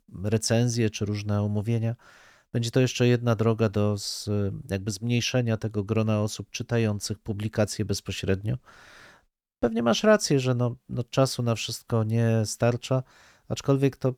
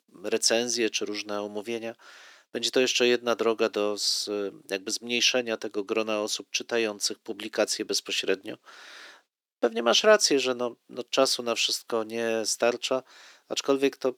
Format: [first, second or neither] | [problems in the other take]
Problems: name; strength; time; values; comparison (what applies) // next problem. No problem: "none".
first | thin; somewhat; fading below 300 Hz